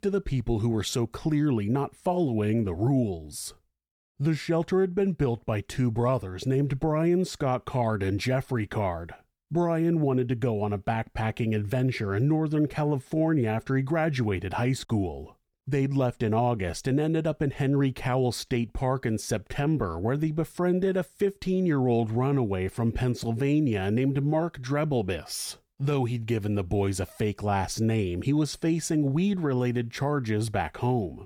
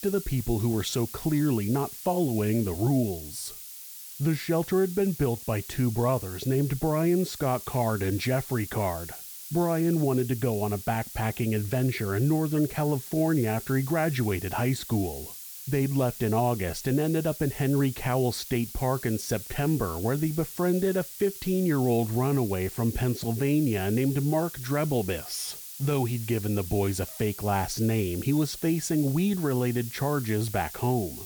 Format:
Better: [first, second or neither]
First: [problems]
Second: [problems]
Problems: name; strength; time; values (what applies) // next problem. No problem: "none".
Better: first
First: none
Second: hiss; noticeable; throughout; 10 dB below the speech